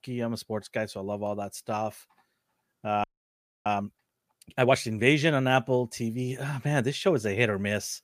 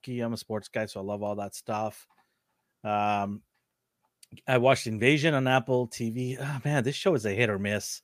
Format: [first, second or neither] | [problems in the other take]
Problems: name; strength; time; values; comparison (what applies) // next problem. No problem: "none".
second | audio freezing; at 3 s for 0.5 s